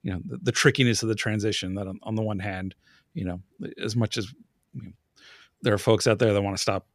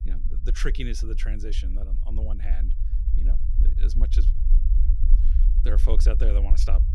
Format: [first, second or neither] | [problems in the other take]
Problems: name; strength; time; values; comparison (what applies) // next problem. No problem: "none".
first | low rumble; loud; throughout; 9 dB below the speech